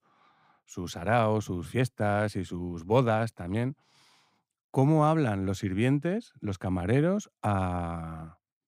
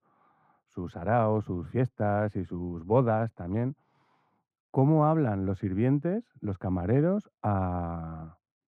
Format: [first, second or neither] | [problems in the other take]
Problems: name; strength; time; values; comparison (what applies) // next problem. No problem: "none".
first | muffled; very; fading above 2.5 kHz